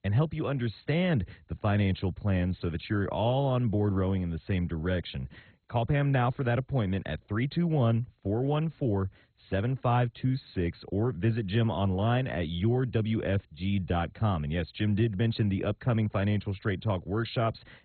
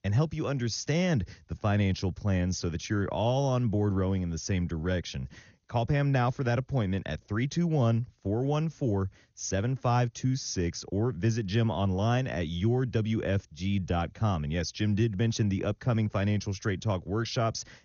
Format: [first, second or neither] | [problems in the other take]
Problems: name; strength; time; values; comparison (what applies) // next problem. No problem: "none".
second | garbled, watery; badly; nothing above 4 kHz; slightly in the second